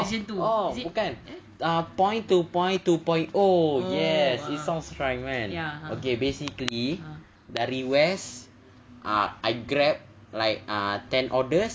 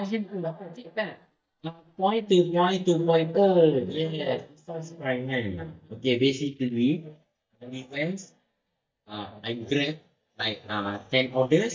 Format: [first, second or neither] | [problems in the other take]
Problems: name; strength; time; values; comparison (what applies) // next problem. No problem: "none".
first | noise reduction (neural mask model DeepFilterNet 3)